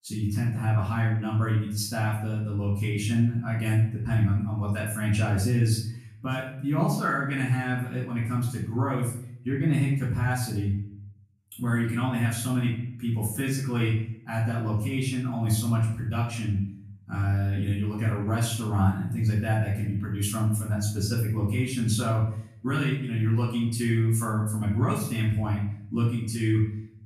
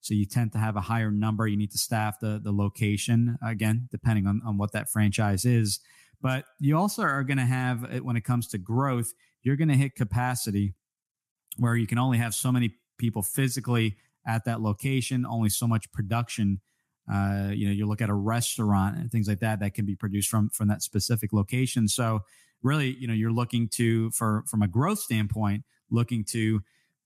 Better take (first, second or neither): second